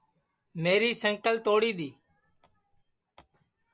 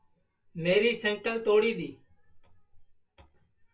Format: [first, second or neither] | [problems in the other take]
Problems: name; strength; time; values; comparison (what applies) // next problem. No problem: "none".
first | room echo; dies away in 0.2 s